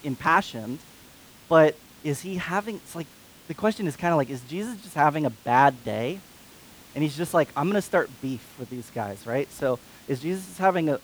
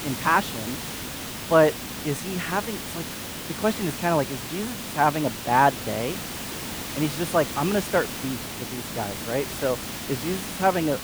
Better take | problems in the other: first | hiss; loud; throughout; 7 dB below the speech; faint in the first

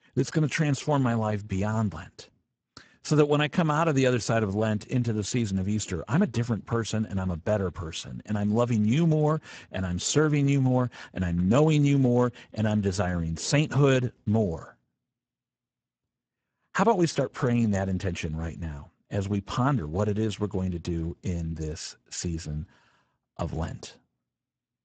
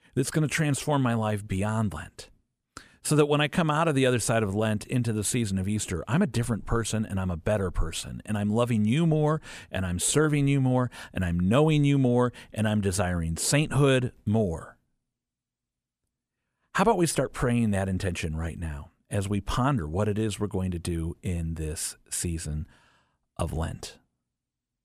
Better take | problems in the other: second | garbled, watery; badly; nothing above 7.5 kHz

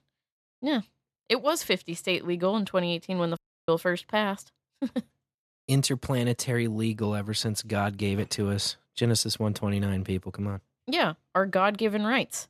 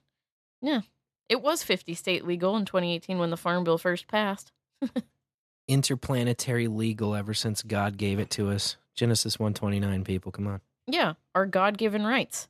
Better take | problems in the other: second | audio cutting out; at 3.5 s

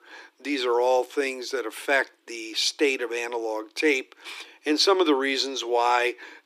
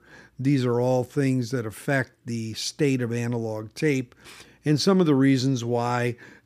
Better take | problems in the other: second | thin; very; fading below 300 Hz

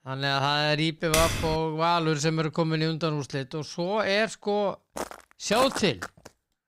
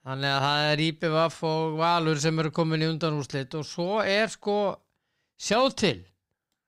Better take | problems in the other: second | keyboard typing; loud; at 1 s; peak level with the speech // footsteps; noticeable; from 5 s on; peak 6 dB below the speech

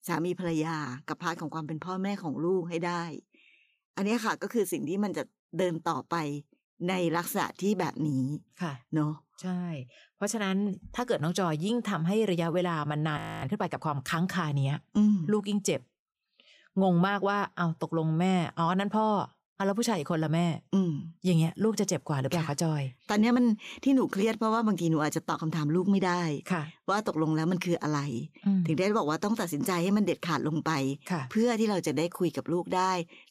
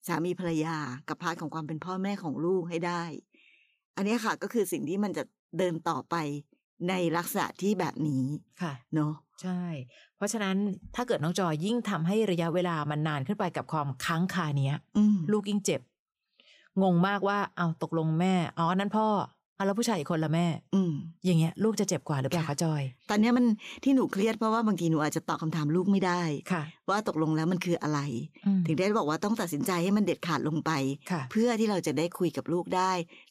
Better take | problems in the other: second | audio freezing; at 13 s

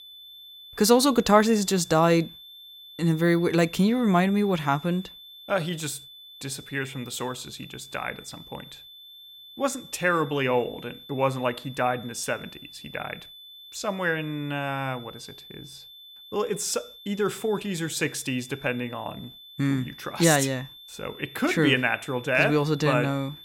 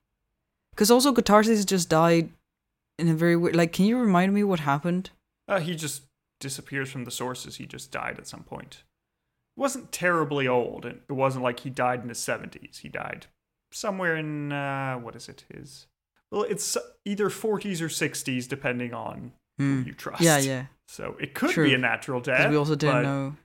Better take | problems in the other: second | high-pitched whine; noticeable; throughout; 3.5 kHz, 20 dB below the speech

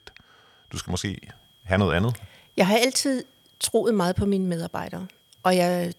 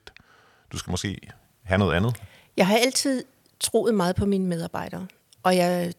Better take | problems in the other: second | high-pitched whine; faint; throughout; 3.5 kHz, 35 dB below the speech

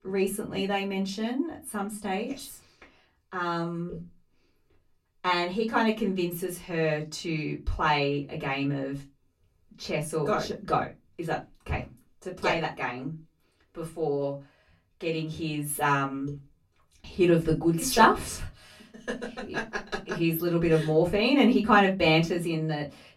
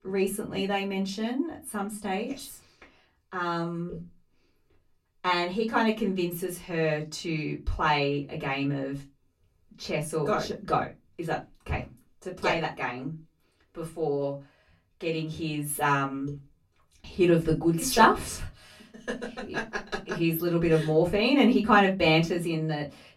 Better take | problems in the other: neither | off-mic speech; far; the same in both // room echo; very slight; dies away in 0.2 s; the same in both

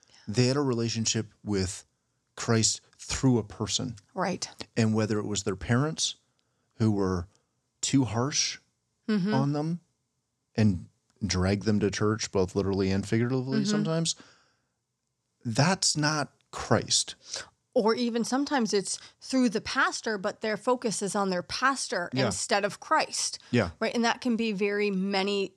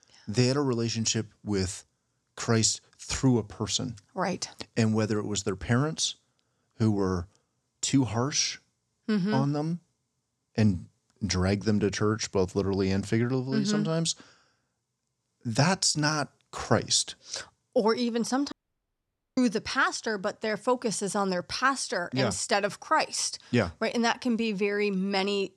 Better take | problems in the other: first | audio cutting out; at 19 s for 1 s

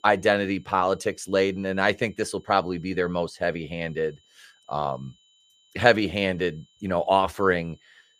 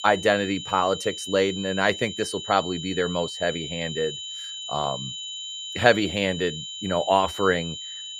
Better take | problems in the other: first | high-pitched whine; loud; throughout; 3 kHz, 8 dB below the speech; faint in the first

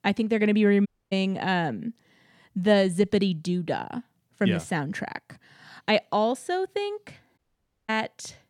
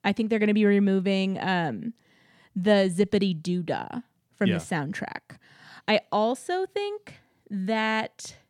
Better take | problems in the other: second | audio cutting out; at 1 s and at 7.5 s for 0.5 s

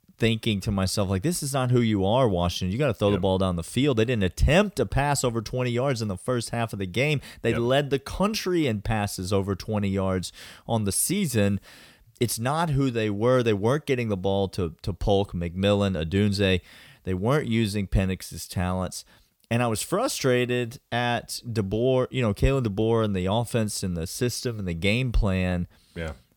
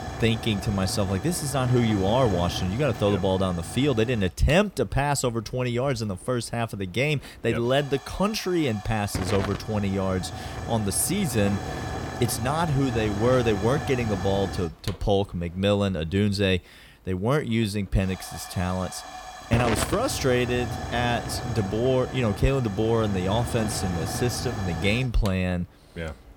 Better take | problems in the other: first | hiss; loud; throughout; 8 dB below the speech

